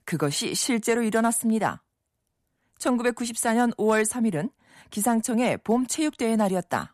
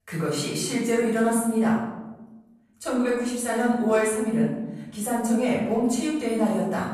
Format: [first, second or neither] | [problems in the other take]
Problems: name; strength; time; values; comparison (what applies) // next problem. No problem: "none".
first | off-mic speech; far // room echo; noticeable; dies away in 1 s